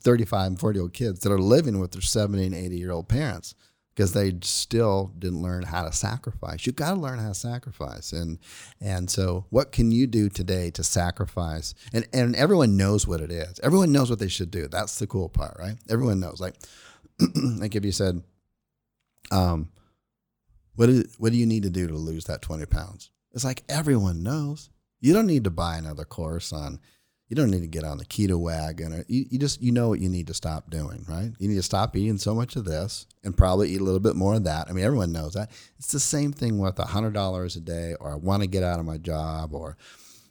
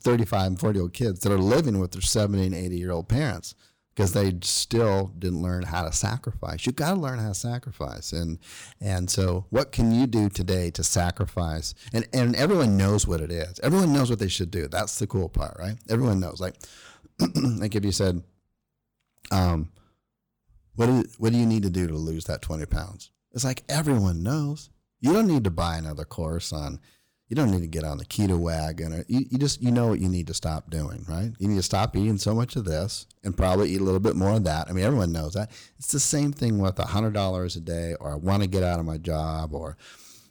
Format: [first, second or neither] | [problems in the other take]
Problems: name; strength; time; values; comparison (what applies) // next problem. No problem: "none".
first | distortion; slight; 5% of the sound clipped